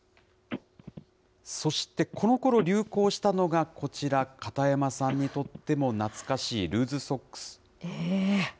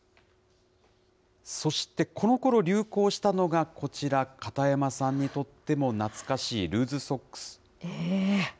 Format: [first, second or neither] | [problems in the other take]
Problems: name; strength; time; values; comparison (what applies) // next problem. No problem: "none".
second | background sound (Telephone); 18 dB below the speech